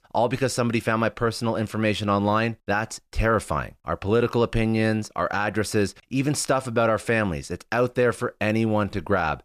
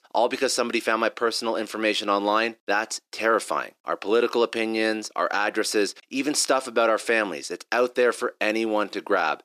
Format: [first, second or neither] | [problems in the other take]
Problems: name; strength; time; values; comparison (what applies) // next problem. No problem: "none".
first | thin; somewhat; fading below 300 Hz